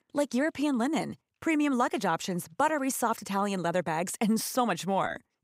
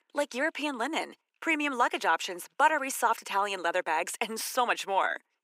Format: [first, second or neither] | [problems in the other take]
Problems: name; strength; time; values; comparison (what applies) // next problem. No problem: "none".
first | thin; somewhat; fading below 350 Hz